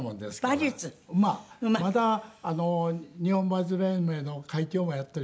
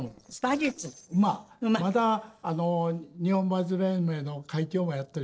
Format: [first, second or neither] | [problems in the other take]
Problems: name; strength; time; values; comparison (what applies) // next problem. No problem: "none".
first | noise reduction (neural separator model SepFormer DNS4)